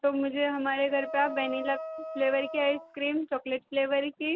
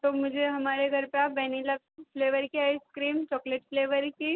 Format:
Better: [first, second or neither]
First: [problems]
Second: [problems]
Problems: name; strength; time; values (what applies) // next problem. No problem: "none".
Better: second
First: background sound (Wind instrument, woodwind instrument); 11 dB below the speech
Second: none